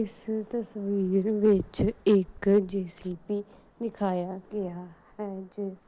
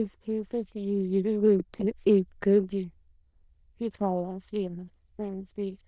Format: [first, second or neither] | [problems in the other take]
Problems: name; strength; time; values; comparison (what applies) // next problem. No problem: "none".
first | noise reduction (neural diffusion model UNIVERSE++)